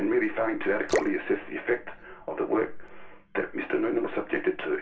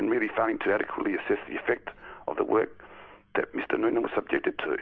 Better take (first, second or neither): second